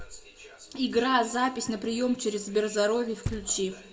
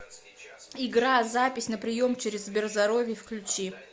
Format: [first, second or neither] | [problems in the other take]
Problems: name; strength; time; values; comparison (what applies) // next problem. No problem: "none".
second | background sound (Knock); 16 dB below the speech // room echo; dies away in 2.3 s